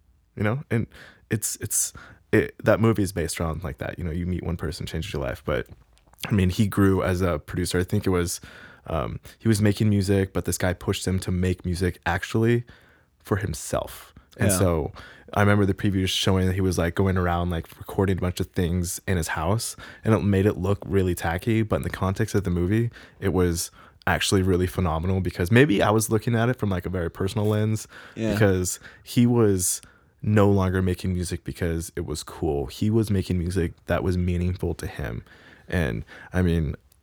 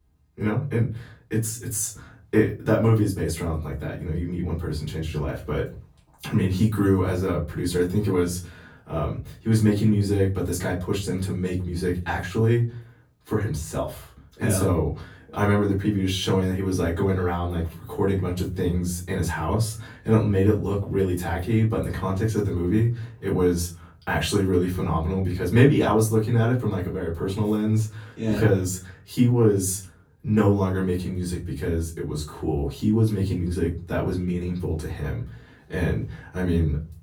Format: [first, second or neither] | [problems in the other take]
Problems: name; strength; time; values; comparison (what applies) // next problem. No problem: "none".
first | off-mic speech; far // room echo; slight; dies away in 0.3 s